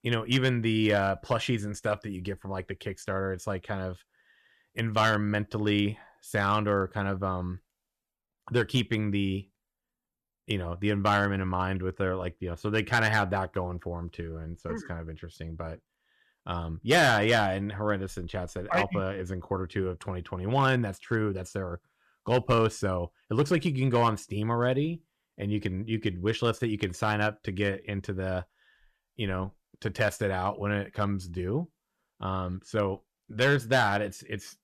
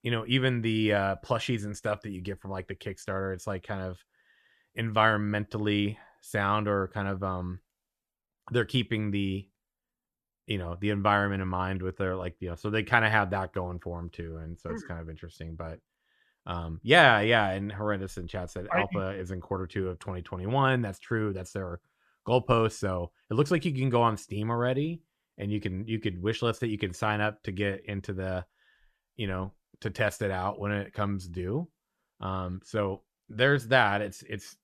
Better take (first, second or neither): second